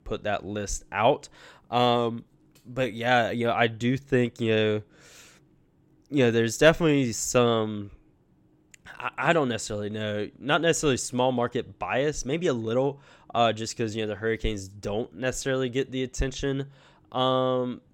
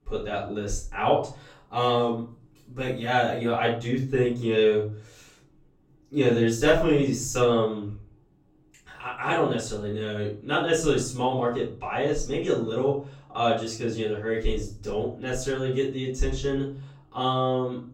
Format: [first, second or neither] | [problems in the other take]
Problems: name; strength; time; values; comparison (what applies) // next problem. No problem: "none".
first | off-mic speech; far // room echo; slight; dies away in 0.4 s